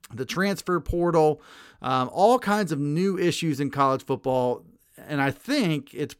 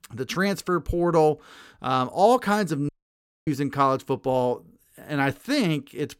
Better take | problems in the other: first | audio cutting out; at 3 s for 0.5 s

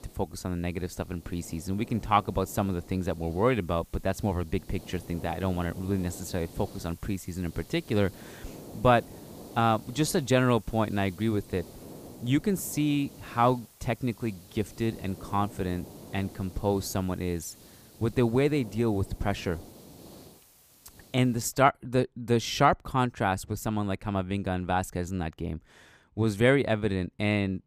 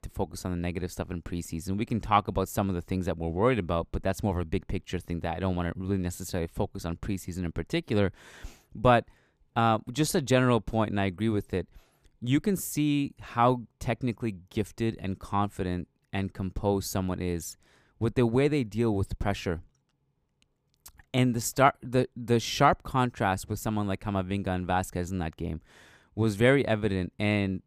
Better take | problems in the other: second | hiss; noticeable; until 21 s; 20 dB below the speech

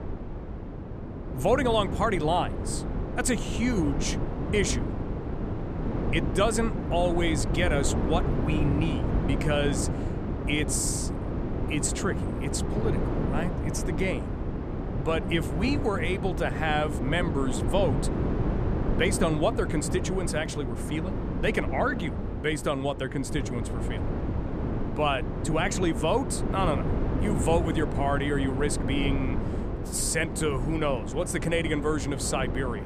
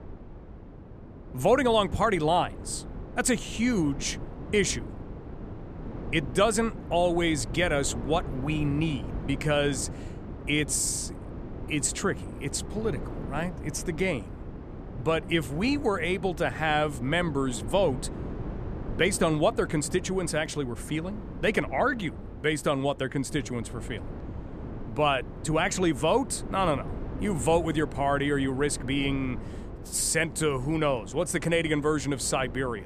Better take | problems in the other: second | wind noise on the microphone; heavy; 7 dB below the speech; occasional gusts in the second

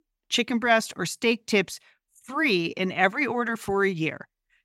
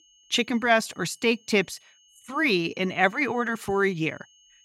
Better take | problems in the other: first | high-pitched whine; faint; throughout; 3 kHz, 30 dB below the speech

